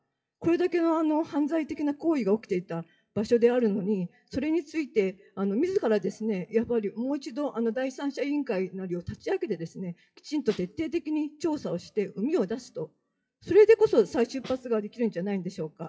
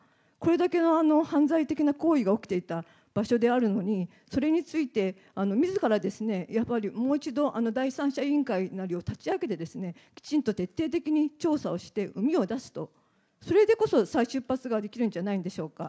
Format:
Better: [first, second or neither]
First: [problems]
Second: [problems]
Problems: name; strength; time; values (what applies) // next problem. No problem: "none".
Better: second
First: noise reduction (classical method WPE with log-MMSE)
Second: none